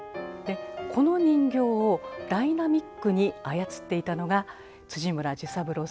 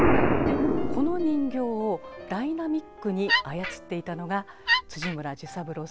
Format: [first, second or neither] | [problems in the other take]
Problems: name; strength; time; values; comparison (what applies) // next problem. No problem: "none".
first | background sound (Explosion + Wood); 3 dB above the speech